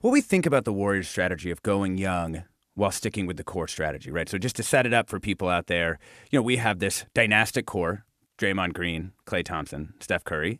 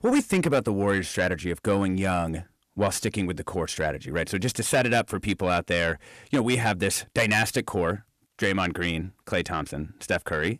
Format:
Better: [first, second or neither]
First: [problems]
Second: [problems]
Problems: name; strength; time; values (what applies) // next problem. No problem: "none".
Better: first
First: none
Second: distortion; slight; 10 dB below the speech